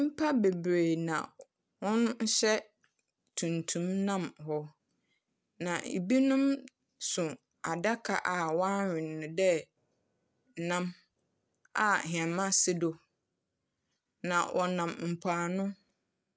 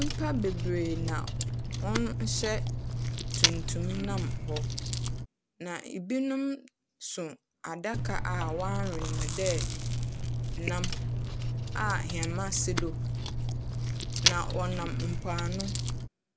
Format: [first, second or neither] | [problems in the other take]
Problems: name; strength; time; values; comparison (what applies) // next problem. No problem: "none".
first | background sound (Chewing, mastication); 4 dB above the speech